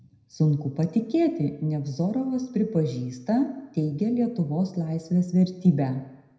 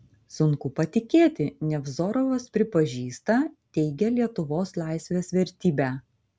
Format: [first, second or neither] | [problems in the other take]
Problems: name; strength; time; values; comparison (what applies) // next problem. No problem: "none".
second | room echo; dies away in 0.8 s